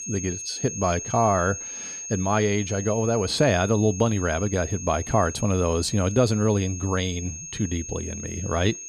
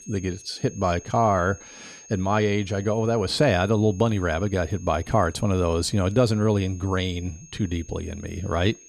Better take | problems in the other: second | high-pitched whine; loud; throughout; 6.5 kHz, 9 dB below the speech; faint in the second

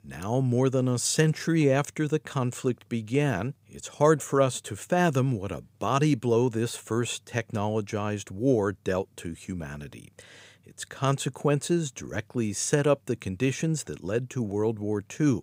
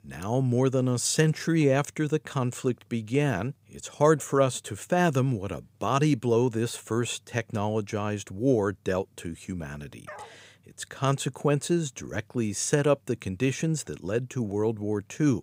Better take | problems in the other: first | dog barking; faint; at 10 s; peak 15 dB below the speech

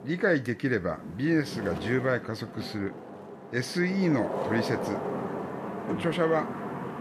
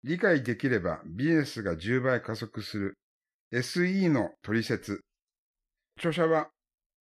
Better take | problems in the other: second | wind noise on the microphone; heavy; 6 dB below the speech

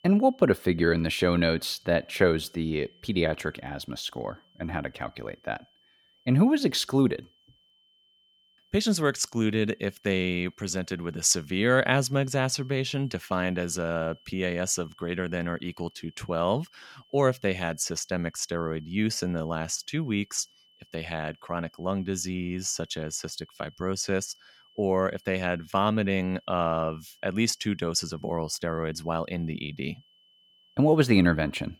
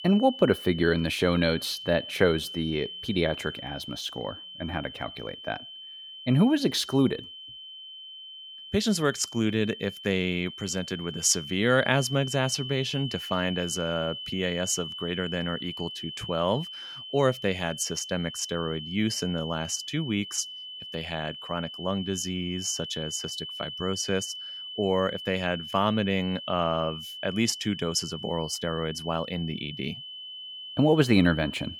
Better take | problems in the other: first | high-pitched whine; loud; throughout; 3 kHz, 10 dB below the speech; faint in the first

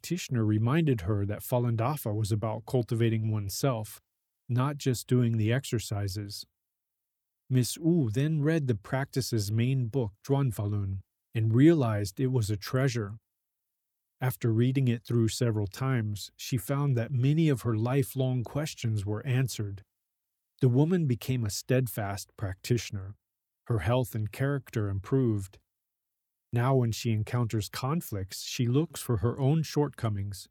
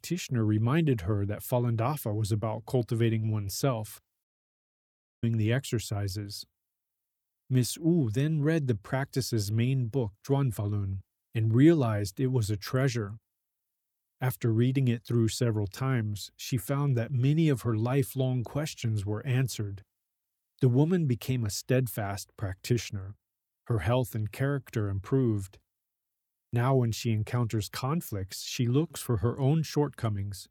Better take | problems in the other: first | audio cutting out; at 4 s for 1 s

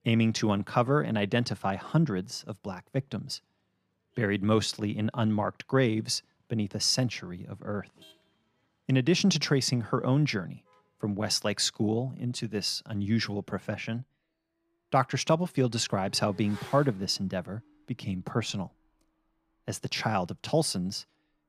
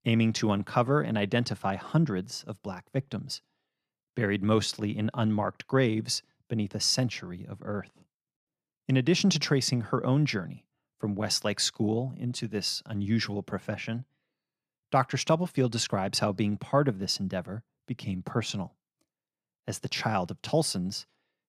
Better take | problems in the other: second | traffic noise; faint; throughout; 25 dB below the speech

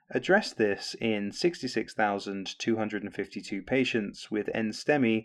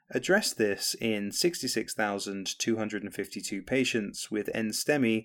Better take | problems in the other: second | muffled; slightly; fading above 4 kHz

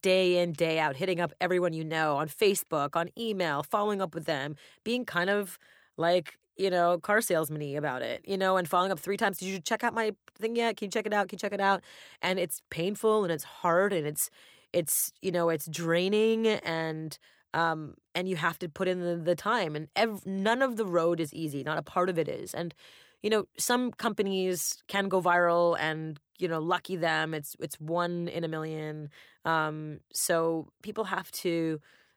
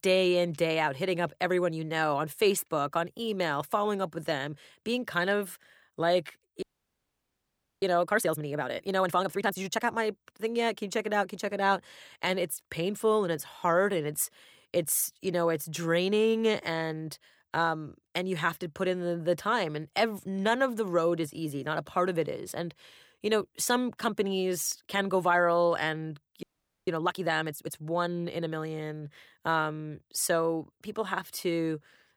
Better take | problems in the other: first | audio freezing; at 6.5 s for 1 s and at 26 s

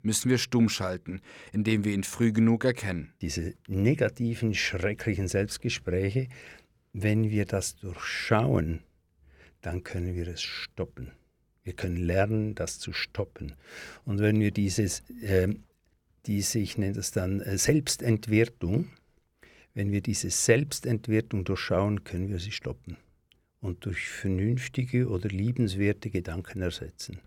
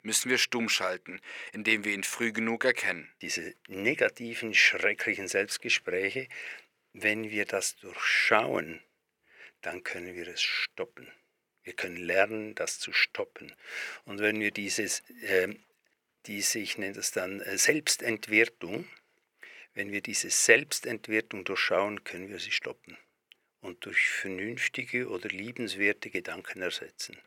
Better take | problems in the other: first | thin; very; fading below 450 Hz

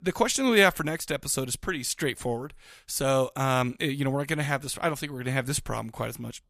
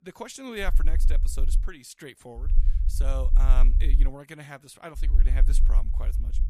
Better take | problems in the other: first | low rumble; noticeable; from 0.5 to 1.5 s, from 2.5 to 4 s and from 5 s on; 10 dB below the speech

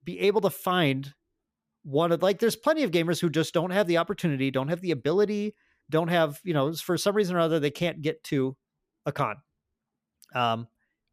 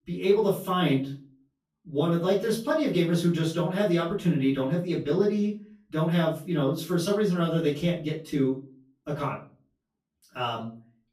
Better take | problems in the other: first | off-mic speech; far // room echo; slight; dies away in 0.3 s

